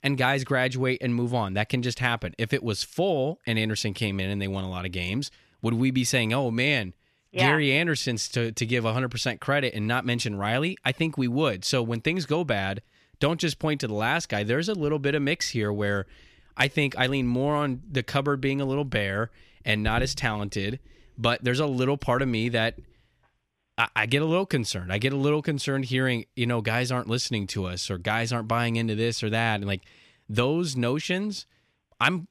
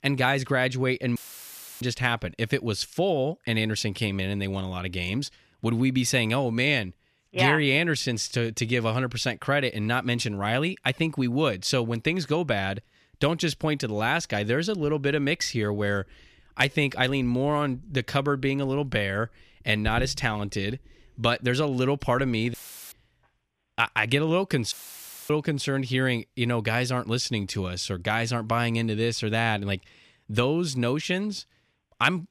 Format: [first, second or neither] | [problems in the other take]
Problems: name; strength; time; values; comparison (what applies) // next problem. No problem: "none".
first | audio cutting out; filled with static; at 1 s for 0.5 s, at 23 s and at 25 s for 0.5 s